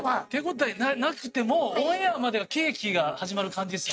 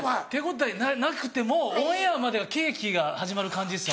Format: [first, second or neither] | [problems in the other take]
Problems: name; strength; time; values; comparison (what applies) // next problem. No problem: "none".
second | noise reduction (neural mask model RNNoise)